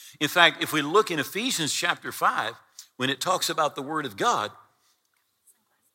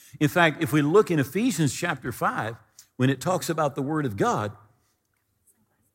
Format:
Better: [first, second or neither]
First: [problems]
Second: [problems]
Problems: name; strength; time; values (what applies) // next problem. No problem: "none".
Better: second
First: thin; somewhat; fading below 800 Hz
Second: none